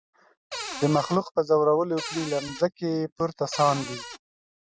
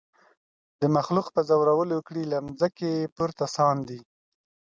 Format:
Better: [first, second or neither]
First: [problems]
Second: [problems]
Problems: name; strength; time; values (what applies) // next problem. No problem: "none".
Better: second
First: noise reduction (classical method Wiener filter)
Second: none